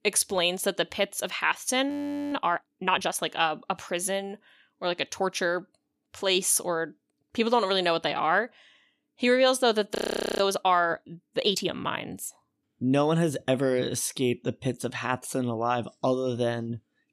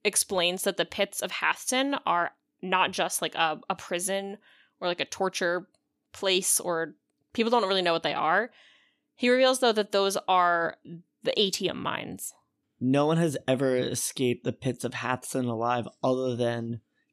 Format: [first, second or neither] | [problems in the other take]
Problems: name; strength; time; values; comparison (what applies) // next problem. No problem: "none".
second | audio freezing; at 2 s and at 10 s